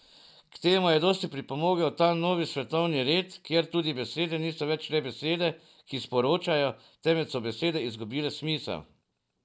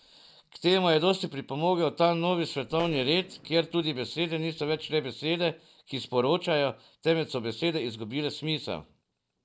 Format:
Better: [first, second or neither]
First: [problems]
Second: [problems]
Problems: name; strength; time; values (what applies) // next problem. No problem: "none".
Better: first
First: none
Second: noise reduction (neural separator model SepFormer DNS4)